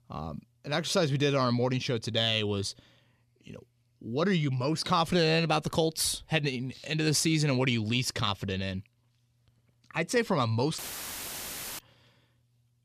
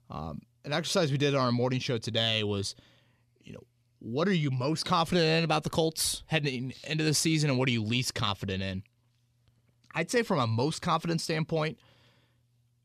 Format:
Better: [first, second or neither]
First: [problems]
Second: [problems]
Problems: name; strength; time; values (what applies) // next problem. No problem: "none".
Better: second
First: audio cutting out; filled with static; at 11 s for 1 s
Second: none